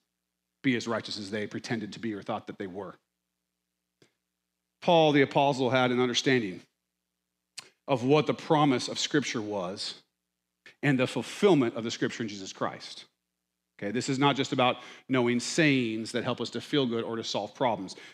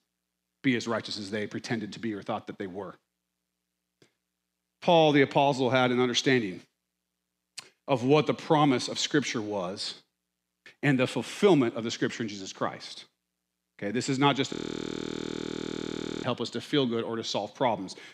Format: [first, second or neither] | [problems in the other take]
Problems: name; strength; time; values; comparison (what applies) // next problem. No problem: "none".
first | audio freezing; at 15 s for 1.5 s